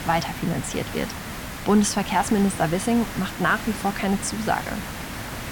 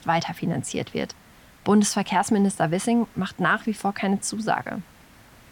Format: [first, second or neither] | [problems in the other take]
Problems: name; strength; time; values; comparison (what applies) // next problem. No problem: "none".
second | hiss; loud; throughout; 9 dB below the speech; faint in the second